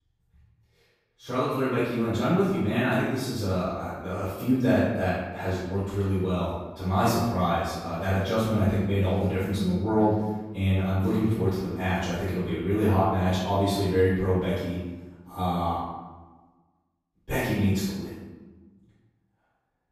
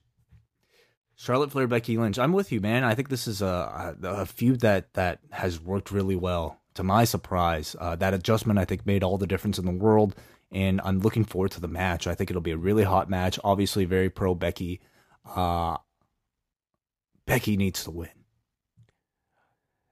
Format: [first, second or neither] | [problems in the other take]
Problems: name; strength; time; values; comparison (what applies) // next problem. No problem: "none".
second | room echo; strong; dies away in 1 s // off-mic speech; far